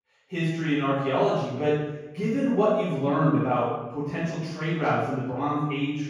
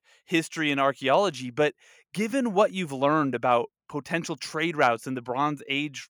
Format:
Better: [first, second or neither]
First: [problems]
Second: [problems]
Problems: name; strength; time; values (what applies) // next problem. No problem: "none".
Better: second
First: room echo; strong; dies away in 1.4 s // off-mic speech; far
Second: none